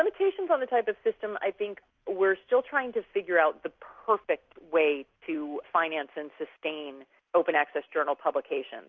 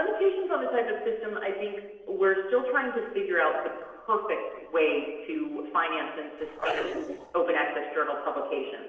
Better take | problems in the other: first | noise reduction (neural separator model SepFormer DNS4)

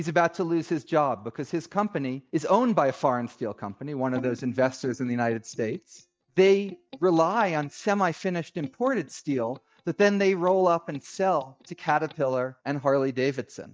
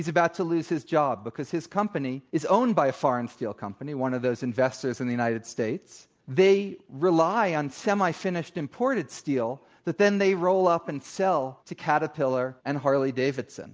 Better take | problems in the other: second | noise reduction (neural mask model DeepFilterNet 3)

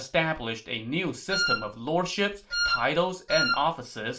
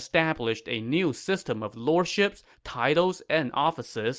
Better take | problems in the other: second | background sound (Wind instrument, woodwind instrument); as loud as the speech // room echo; dies away in 0.3 s

